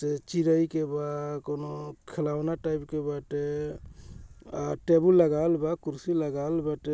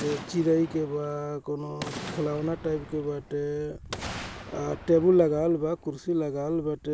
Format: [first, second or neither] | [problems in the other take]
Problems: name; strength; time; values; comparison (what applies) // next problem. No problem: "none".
first | background sound (Boom); 14 dB below the speech